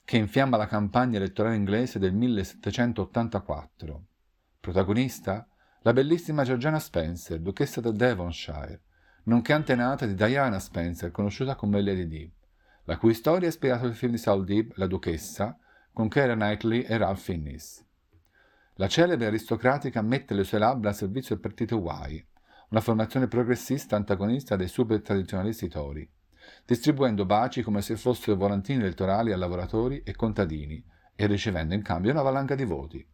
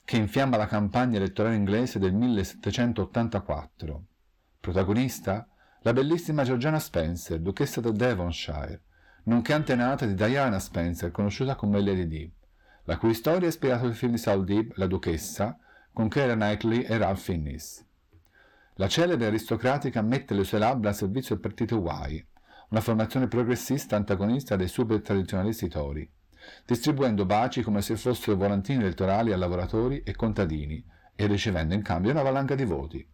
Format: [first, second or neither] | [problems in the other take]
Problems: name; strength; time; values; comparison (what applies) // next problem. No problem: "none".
first | distortion; slight; 10 dB below the speech